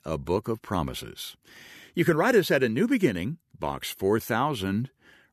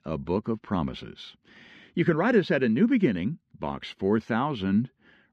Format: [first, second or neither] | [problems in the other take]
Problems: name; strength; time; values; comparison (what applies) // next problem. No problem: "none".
first | muffled; very slightly; fading above 4 kHz